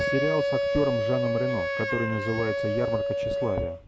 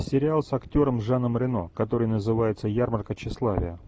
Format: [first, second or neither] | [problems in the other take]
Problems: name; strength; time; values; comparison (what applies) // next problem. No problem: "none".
second | background sound (Wind instrument, woodwind instrument); 2 dB above the speech